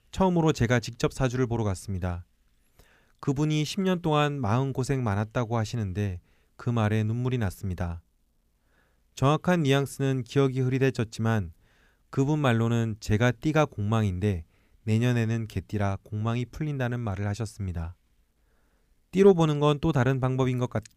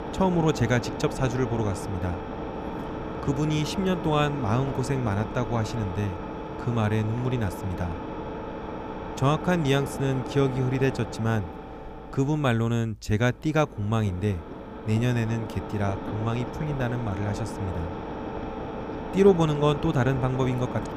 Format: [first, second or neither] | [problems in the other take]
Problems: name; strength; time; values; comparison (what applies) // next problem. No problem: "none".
first | low rumble; loud; throughout; 6 dB below the speech